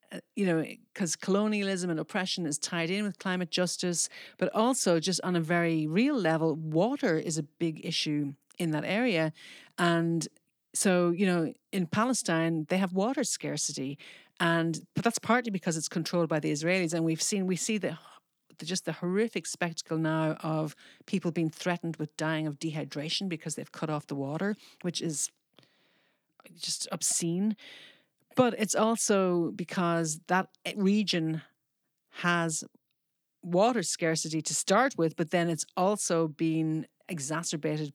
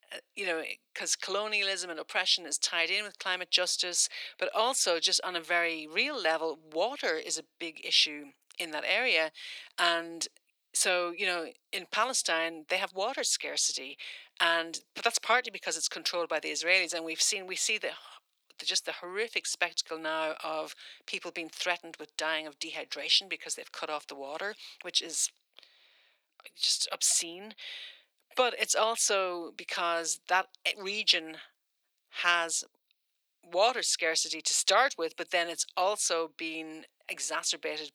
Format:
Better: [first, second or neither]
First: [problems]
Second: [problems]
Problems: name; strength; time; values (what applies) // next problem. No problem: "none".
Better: first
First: none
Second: thin; very; fading below 500 Hz